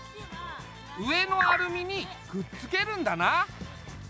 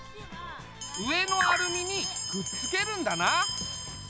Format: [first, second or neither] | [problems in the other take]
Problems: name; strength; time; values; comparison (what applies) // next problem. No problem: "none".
first | background sound (Bell); 4 dB below the speech